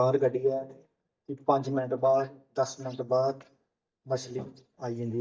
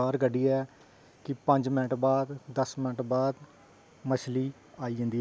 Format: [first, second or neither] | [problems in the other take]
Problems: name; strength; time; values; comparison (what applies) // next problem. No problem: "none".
second | noise reduction (neural mask model DeepFilterNet 3)